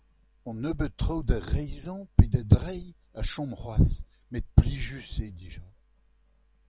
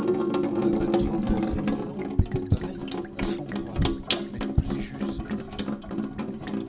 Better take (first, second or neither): first